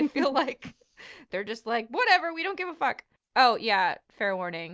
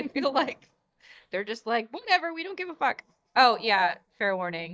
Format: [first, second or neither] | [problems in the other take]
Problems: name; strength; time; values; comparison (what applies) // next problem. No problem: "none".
first | noise reduction (neural mask model DeepFilterNet 3)